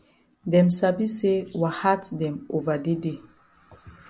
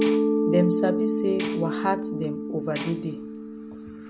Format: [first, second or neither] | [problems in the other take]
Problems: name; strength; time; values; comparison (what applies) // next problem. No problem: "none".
first | background sound (Mallet percussion + Tambourine); 2 dB above the speech